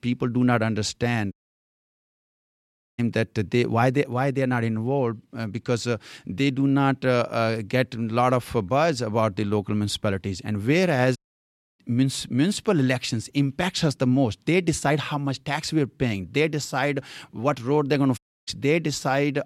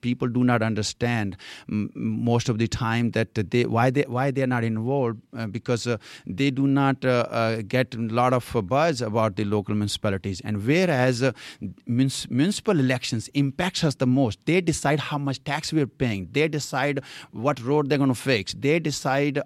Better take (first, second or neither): second